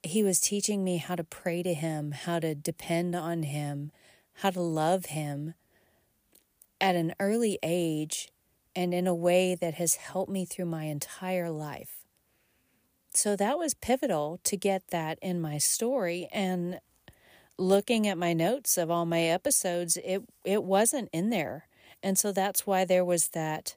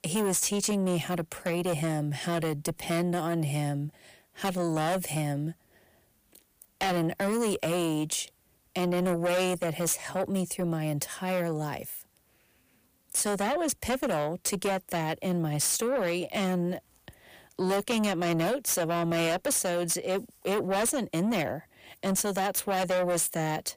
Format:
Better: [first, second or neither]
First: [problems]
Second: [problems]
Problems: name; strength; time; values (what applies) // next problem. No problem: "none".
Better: first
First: none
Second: distortion; heavy; 7 dB below the speech